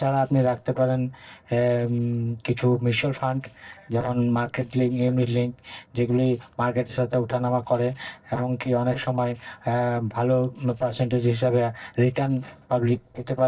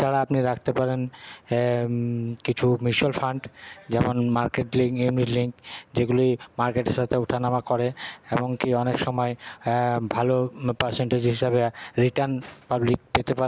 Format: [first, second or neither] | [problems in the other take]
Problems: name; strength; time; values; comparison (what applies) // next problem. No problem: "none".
second | noise reduction (neural separator model SepFormer DNS4)